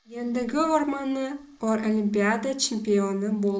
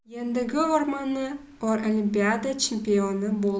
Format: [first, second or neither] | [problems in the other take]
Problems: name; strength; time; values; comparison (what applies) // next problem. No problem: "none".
second | noise reduction (neural mask model Resemble Enhance denoiser)